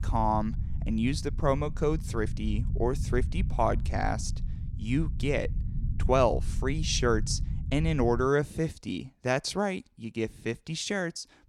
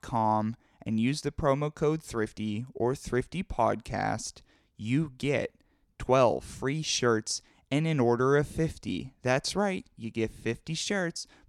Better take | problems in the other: second | low rumble; noticeable; until 8.5 s; 20 dB below the speech

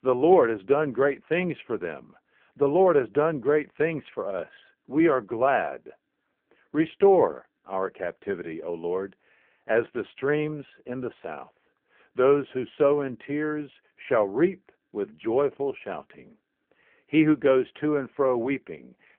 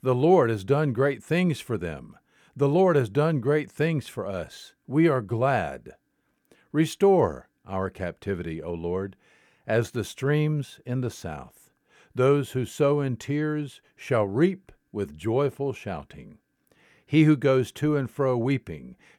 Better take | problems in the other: second | phone-call audio; poor line

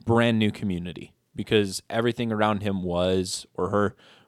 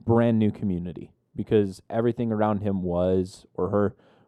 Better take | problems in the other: first | muffled; slightly; fading above 1.5 kHz

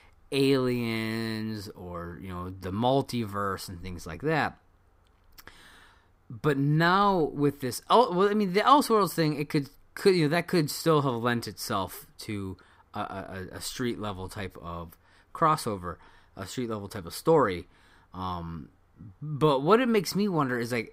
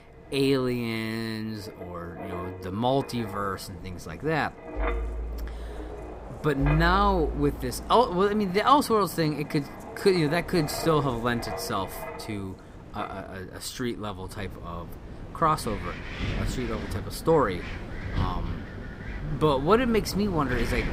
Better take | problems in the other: first | wind in the background; loud; throughout; 10 dB below the speech

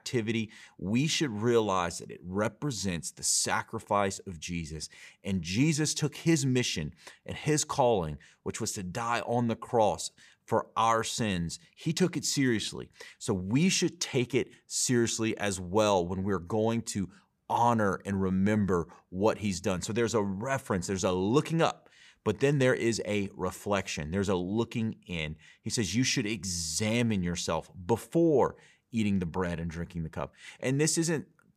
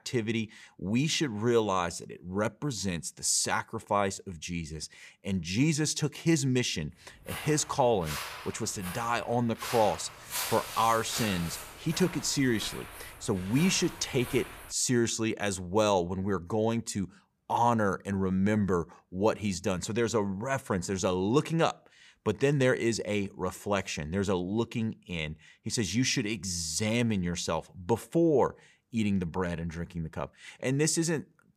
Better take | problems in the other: first | footsteps; noticeable; from 7.5 to 15 s; peak 3 dB below the speech

